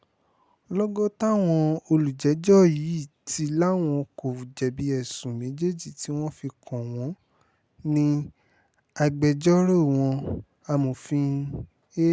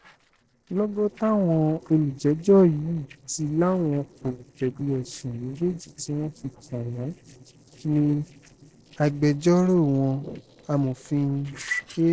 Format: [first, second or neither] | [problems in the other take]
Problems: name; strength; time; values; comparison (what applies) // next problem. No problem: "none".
first | noise reduction (neural separator model SepFormer DNS4)